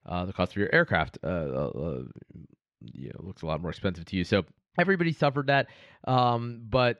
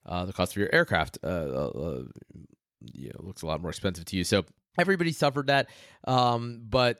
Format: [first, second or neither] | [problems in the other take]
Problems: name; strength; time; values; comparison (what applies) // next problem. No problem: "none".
second | muffled; very slightly; fading above 2.5 kHz